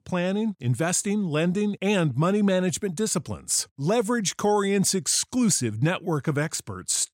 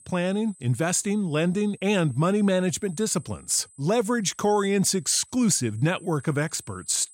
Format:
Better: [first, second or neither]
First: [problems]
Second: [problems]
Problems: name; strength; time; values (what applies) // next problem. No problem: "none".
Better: first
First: none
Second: high-pitched whine; faint; throughout; 8 kHz, 25 dB below the speech